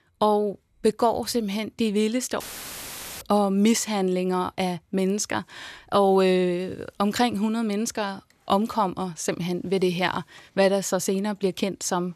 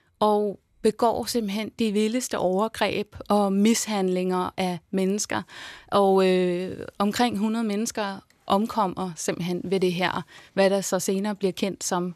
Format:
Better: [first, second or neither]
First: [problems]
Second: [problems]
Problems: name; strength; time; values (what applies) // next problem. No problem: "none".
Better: second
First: audio cutting out; filled with static; at 2.5 s for 1 s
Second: none